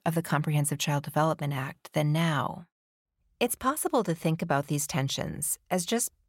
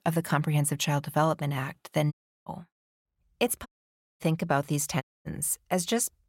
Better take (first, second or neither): first